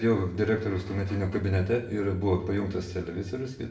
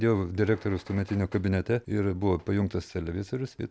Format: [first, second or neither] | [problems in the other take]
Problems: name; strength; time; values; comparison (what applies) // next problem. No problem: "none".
second | room echo; dies away in 0.6 s